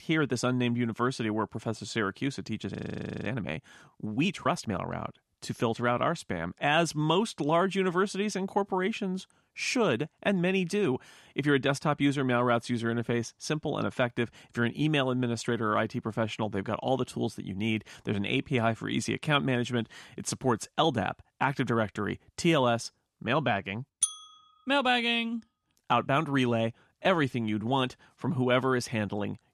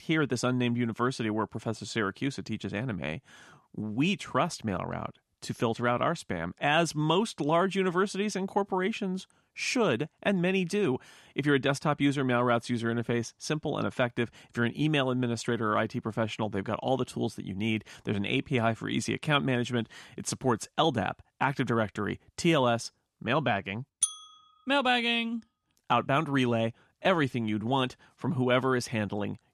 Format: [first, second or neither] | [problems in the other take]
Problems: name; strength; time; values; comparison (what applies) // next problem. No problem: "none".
second | audio freezing; at 2.5 s for 0.5 s